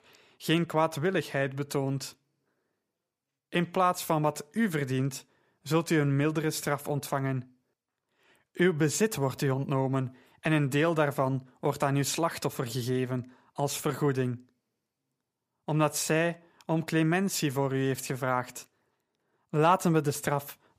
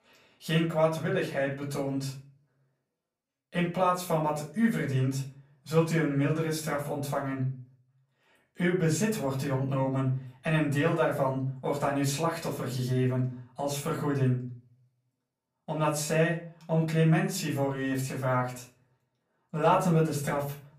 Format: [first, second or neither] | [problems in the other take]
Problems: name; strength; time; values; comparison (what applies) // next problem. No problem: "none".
first | room echo; slight; dies away in 0.4 s // off-mic speech; far